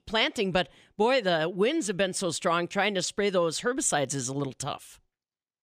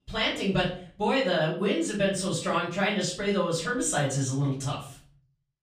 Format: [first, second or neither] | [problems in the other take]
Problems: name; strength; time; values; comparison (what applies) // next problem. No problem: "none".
first | off-mic speech; far // room echo; noticeable; dies away in 0.5 s